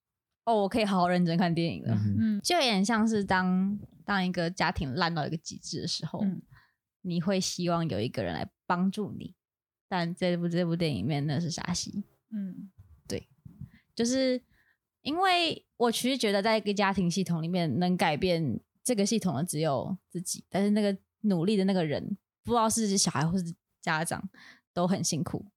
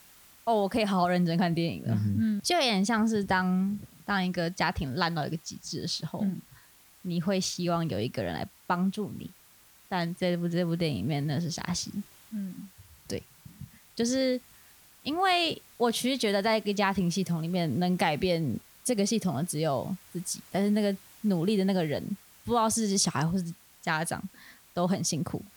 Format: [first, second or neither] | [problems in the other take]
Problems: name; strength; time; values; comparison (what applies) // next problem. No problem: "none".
first | hiss; faint; throughout; 25 dB below the speech